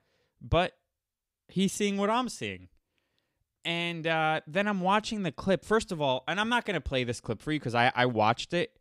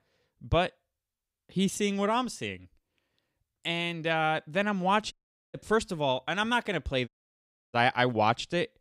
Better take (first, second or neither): first